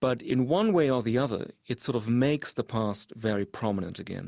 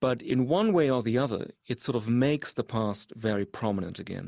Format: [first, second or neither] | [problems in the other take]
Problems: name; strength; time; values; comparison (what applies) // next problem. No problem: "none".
first | noise reduction (neural mask model Resemble Enhance denoiser)